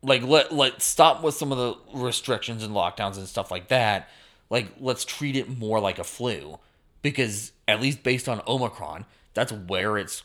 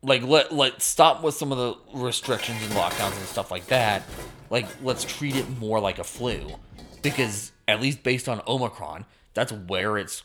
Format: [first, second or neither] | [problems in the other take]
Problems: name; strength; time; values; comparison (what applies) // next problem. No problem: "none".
first | clattering dishes; noticeable; from 2 to 7.5 s; peak 4 dB below the speech